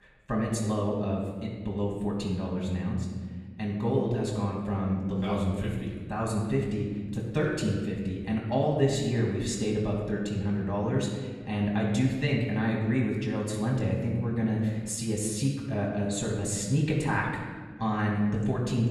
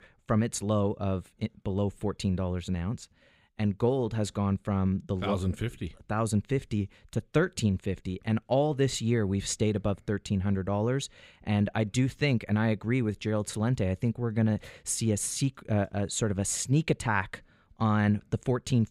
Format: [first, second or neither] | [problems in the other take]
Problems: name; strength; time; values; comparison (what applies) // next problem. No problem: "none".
second | off-mic speech; far // room echo; noticeable; dies away in 1.3 s